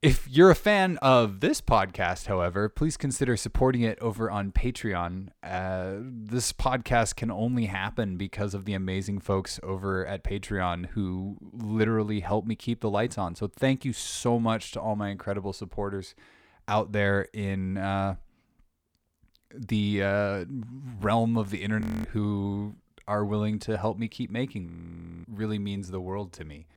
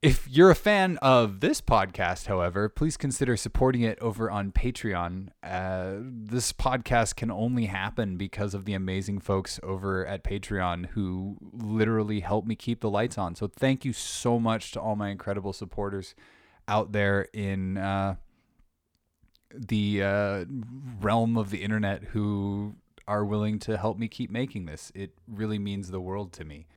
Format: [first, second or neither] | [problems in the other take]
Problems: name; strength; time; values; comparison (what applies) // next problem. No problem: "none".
second | audio freezing; at 22 s and at 25 s for 0.5 s